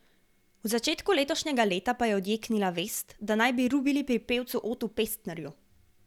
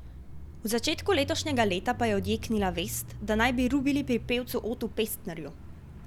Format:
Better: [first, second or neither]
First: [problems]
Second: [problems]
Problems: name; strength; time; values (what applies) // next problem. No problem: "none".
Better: first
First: none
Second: background sound (Mechanisms / Bicycle); 10 dB below the speech